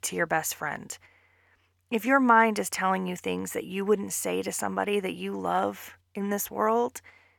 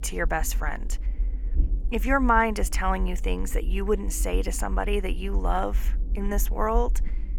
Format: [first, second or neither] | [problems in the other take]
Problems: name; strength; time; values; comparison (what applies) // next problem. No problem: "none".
first | low rumble; faint; throughout; 25 dB below the speech